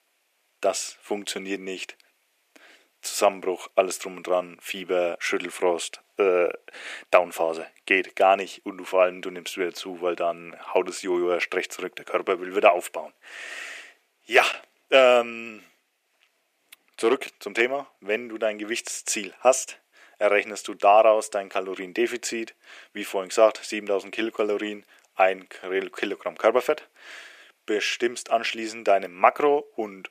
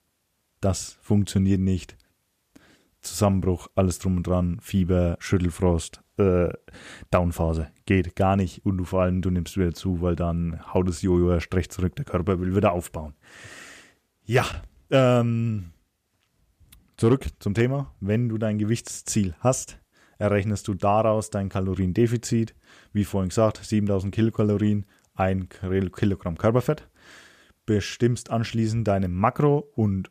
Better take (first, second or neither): second